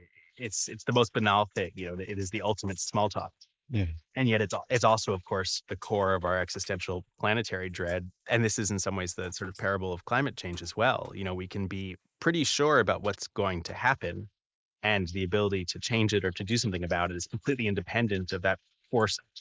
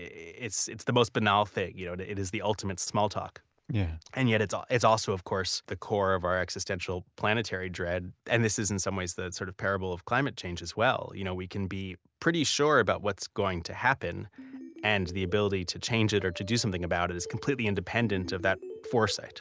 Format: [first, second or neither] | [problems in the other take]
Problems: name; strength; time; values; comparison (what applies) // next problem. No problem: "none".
second | noise reduction (neural mask model Resemble Enhance denoiser)